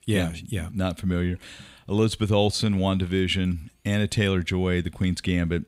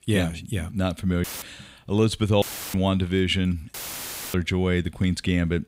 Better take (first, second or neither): first